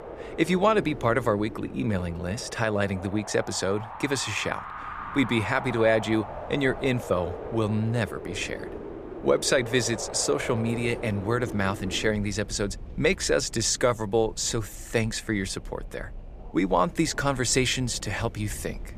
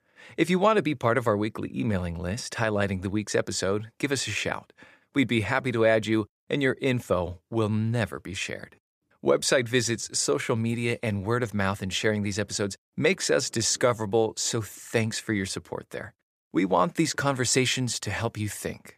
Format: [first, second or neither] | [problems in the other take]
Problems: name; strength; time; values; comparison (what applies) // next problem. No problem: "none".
second | wind in the background; noticeable; throughout; 15 dB below the speech